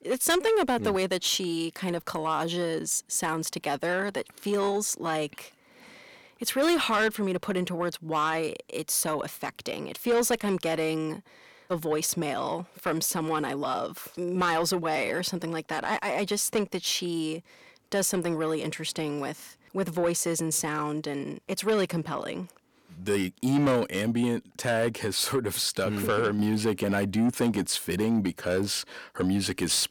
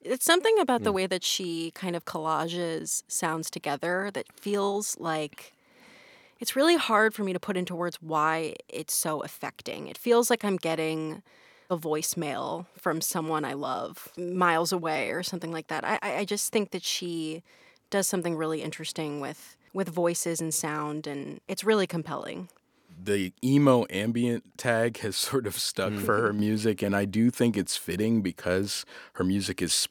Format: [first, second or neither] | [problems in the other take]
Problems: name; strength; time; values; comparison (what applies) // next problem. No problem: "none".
second | distortion; slight; 10 dB below the speech